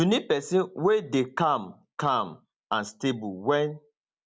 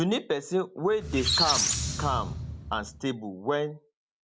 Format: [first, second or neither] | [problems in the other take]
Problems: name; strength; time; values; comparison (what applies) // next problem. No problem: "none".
first | background sound (Squeak); as loud as the speech